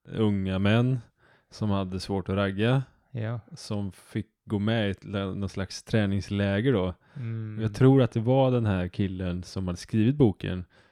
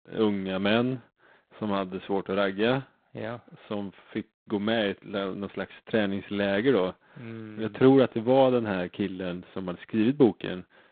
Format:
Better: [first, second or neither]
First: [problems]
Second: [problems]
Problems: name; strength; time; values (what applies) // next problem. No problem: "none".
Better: first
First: none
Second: phone-call audio; poor line; nothing above 3.5 kHz